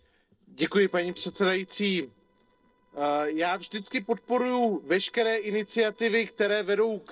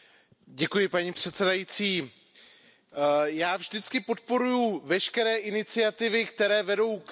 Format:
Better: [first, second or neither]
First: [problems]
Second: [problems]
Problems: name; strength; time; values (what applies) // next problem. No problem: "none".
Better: second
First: noise reduction (neural separator model SepFormer DNS4)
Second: none